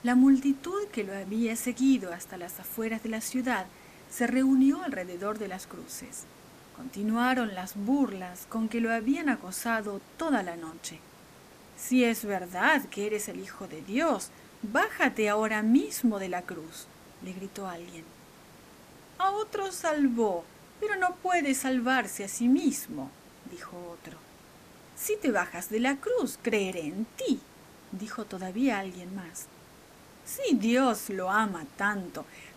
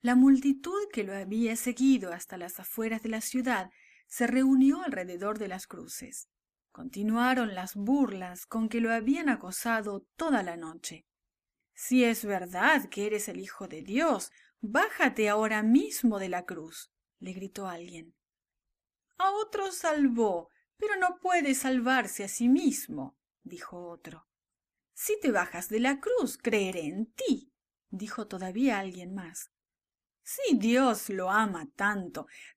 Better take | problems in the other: second | hiss; faint; throughout; 25 dB below the speech

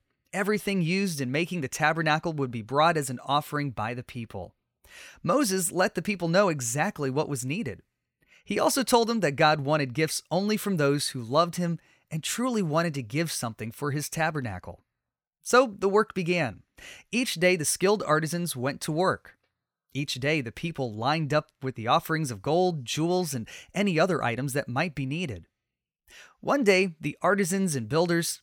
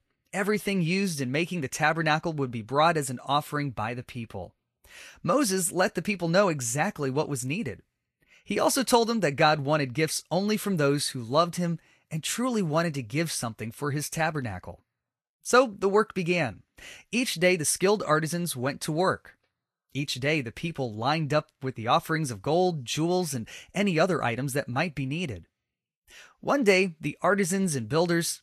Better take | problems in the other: first | garbled, watery; slightly; nothing above 12.5 kHz

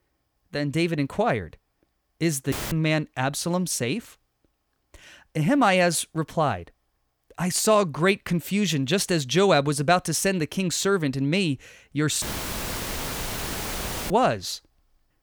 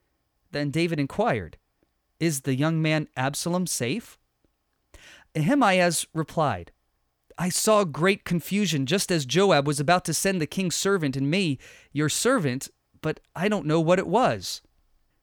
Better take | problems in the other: second | audio cutting out; filled with static; at 2.5 s and at 12 s for 2 s

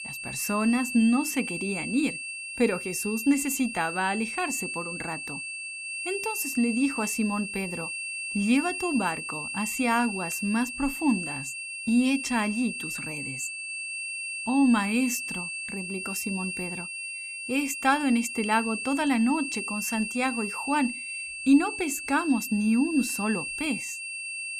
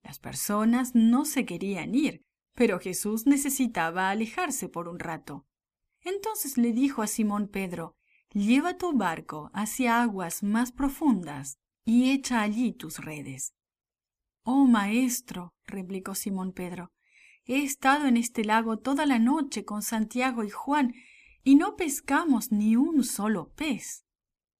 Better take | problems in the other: second | high-pitched whine; loud; throughout; 2.5 kHz, 5 dB below the speech

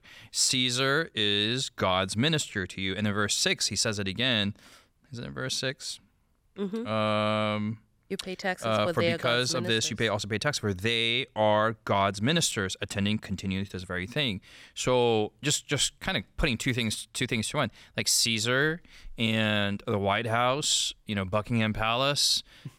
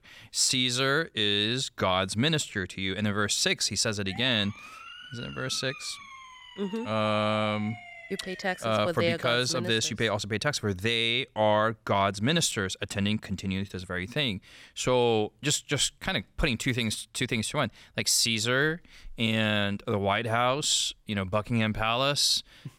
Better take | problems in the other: first | siren; faint; from 4 to 8.5 s; peak 15 dB below the speech

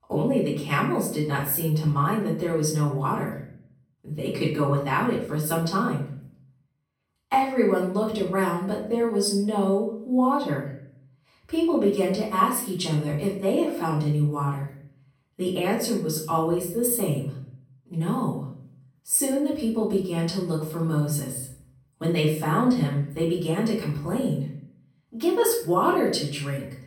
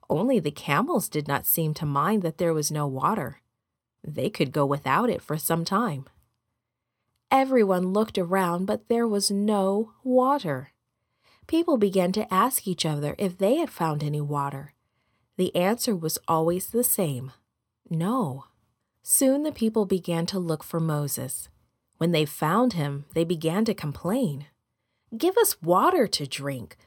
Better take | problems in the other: second | off-mic speech; far // room echo; noticeable; dies away in 0.5 s

